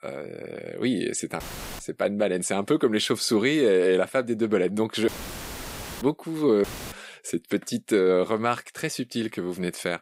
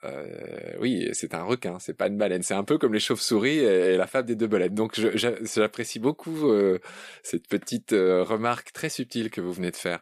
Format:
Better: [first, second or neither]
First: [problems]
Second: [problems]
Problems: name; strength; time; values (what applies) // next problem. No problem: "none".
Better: second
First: audio cutting out; filled with static; at 1.5 s, at 5 s for 1 s and at 6.5 s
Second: none